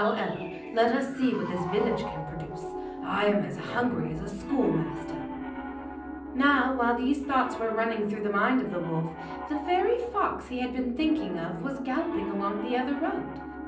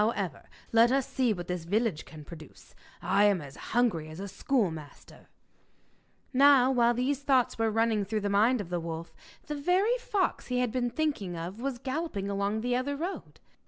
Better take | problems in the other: second | background sound (Piano); 9 dB below the speech // room echo; dies away in 0.6 s

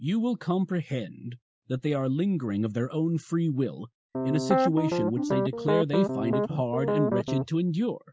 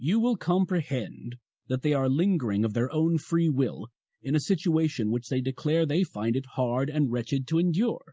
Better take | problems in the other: second | background sound (Piano); 1 dB above the speech

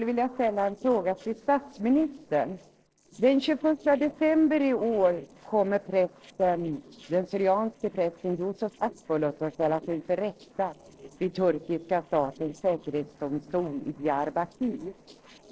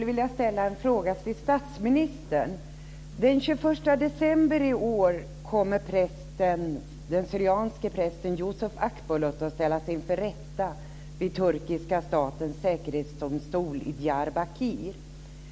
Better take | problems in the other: second | noise reduction (neural separator model SepFormer DNS4)

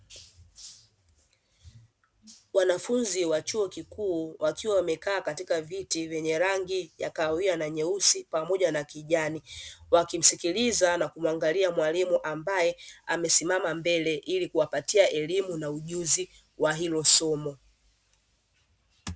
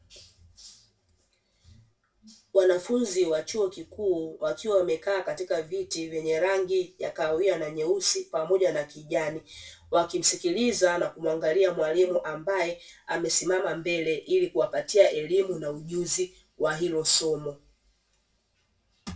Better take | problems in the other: first | room echo; dies away in 0.2 s

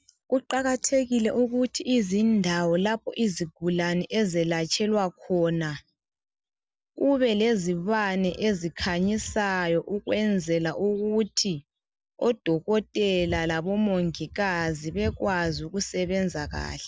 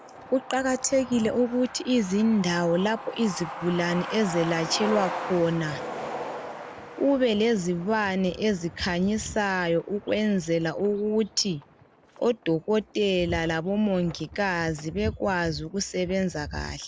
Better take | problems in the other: first | background sound (Truck); 13 dB below the speech

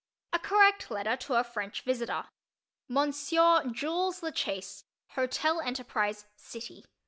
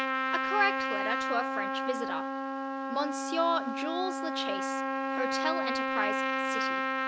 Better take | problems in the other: first | background sound (Trumpet); 3 dB above the speech

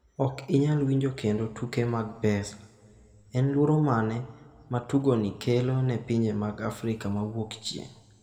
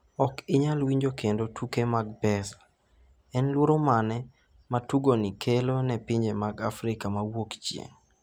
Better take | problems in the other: second | room echo; dies away in 1.5 s

